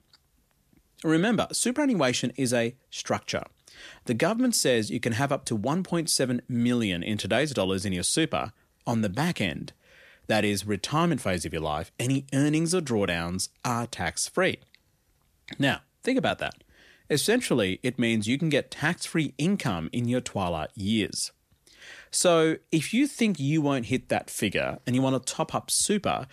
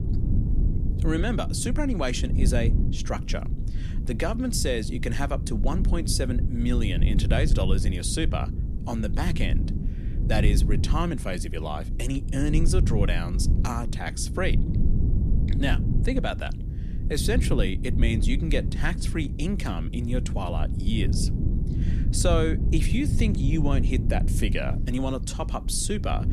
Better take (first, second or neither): first